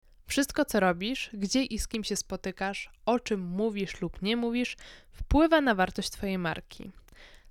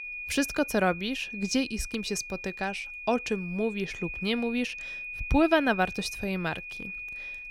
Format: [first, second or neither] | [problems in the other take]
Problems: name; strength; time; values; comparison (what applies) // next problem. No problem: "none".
first | high-pitched whine; loud; throughout; 2.5 kHz, 8 dB below the speech